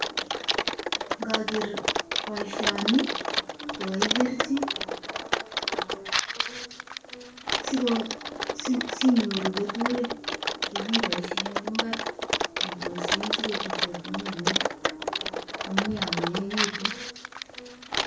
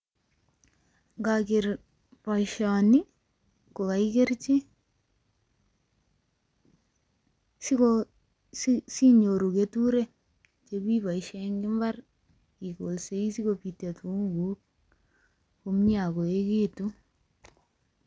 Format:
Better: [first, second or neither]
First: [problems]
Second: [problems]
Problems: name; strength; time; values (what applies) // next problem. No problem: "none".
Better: second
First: background sound (Typing); 2 dB above the speech // room echo; dies away in 0.3 s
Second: none